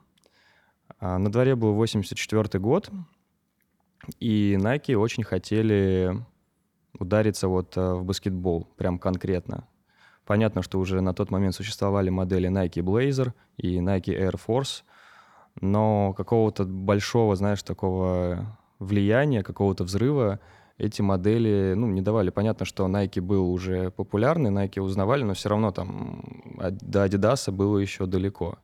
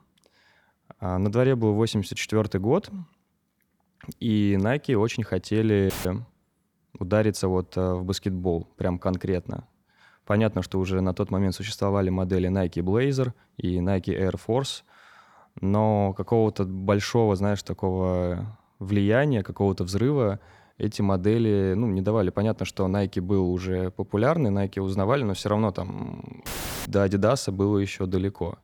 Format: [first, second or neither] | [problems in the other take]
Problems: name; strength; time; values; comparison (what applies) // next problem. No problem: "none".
first | audio cutting out; filled with static; at 6 s and at 26 s